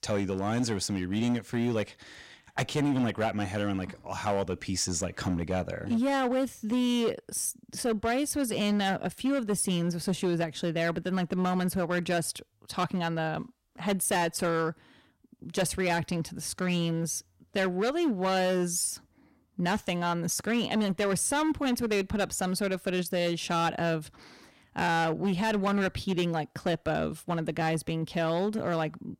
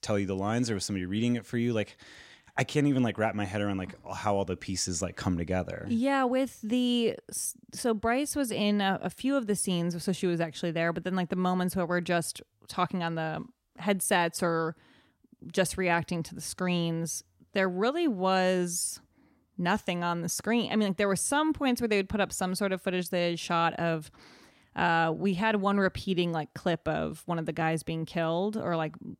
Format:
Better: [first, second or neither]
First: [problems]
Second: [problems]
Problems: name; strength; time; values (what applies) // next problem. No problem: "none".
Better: second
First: distortion; slight; 9% of the sound clipped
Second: none